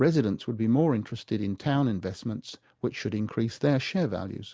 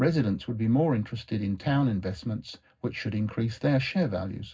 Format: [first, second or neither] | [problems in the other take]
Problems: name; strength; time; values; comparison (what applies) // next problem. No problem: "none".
first | room echo; dies away in 0.4 s